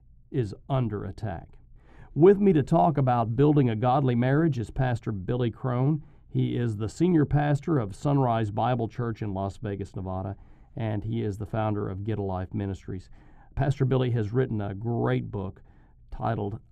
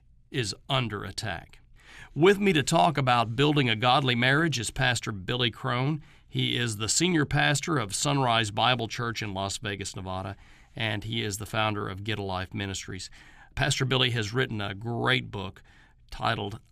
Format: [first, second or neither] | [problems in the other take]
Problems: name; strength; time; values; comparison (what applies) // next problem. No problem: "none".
second | muffled; very; fading above 1.5 kHz